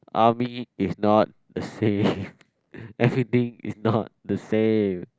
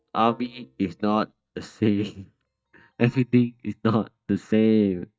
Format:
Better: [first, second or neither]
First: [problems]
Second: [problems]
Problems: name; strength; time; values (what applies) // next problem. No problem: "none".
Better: first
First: none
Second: noise reduction (neural mask model DeepFilterNet 3)